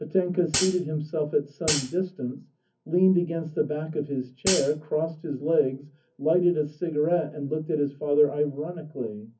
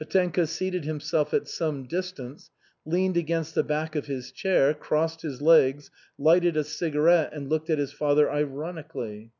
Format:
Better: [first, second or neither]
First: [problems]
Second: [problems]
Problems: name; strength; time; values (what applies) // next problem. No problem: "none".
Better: second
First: background sound (Hi-hat); 3 dB below the speech // room echo; dies away in 0.3 s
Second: none